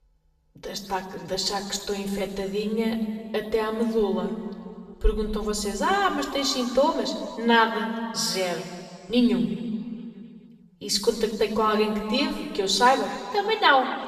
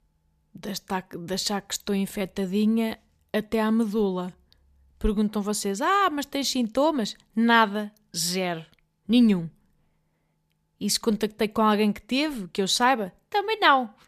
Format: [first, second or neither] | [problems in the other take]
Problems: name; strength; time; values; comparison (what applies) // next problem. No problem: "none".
second | room echo; noticeable; dies away in 2 s // off-mic speech; somewhat distant